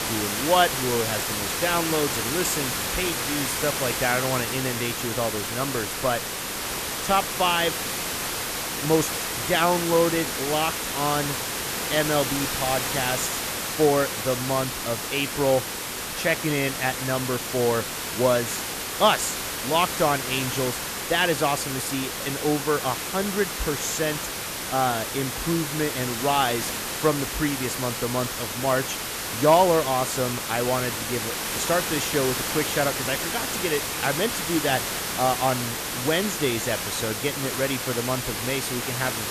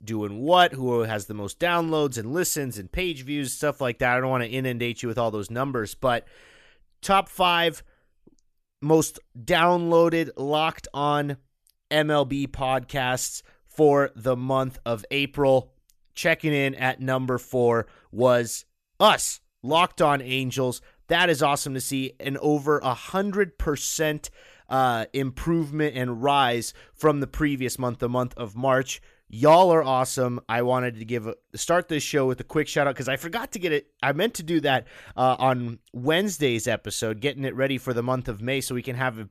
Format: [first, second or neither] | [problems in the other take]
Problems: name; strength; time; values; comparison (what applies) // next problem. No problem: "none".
second | hiss; loud; throughout; 2 dB below the speech